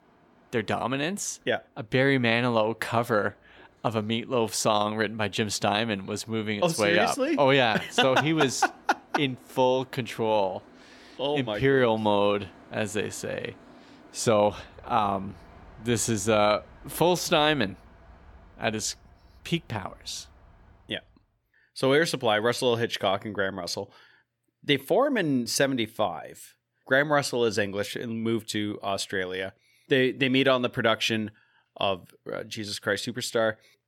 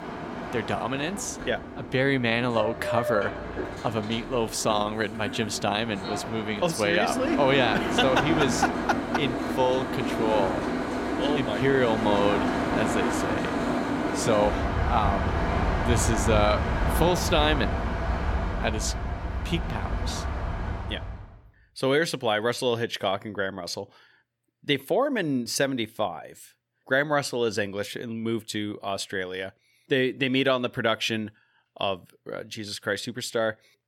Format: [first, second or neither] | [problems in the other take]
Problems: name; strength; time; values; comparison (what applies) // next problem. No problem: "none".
first | train or aircraft noise; loud; until 21 s; 2 dB below the speech; faint in the first